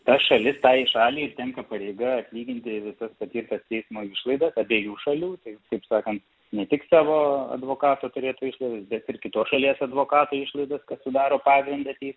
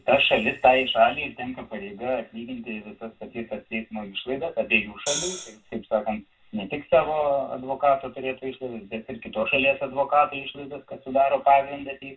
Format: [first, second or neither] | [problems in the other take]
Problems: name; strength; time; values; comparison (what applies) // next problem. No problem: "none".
first | background sound (Hi-hat); 6 dB below the speech // room echo; dies away in 0.1 s